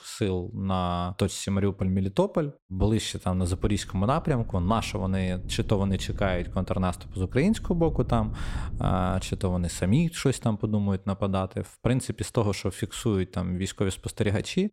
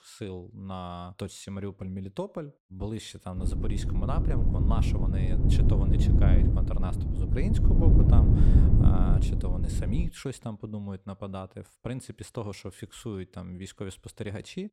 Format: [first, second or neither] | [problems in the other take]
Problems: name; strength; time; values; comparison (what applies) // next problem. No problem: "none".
first | wind noise on the microphone; heavy; from 3.5 to 10 s; 3 dB above the speech; occasional gusts in the first